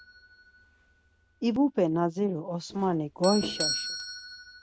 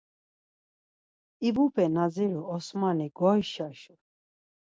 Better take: second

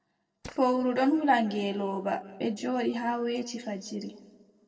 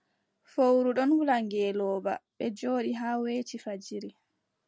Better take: second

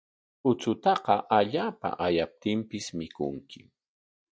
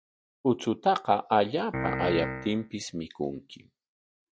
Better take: first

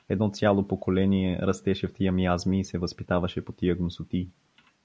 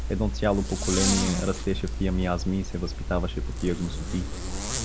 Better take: first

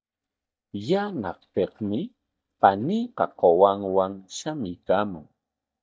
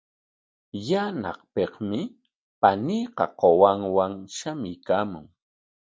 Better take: second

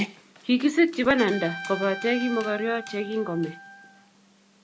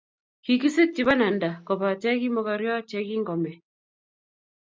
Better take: second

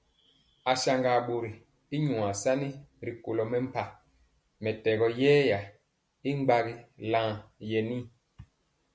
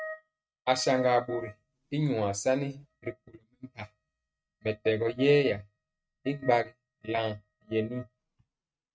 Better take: first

